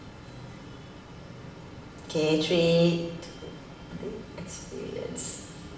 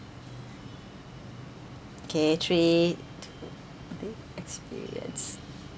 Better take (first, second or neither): second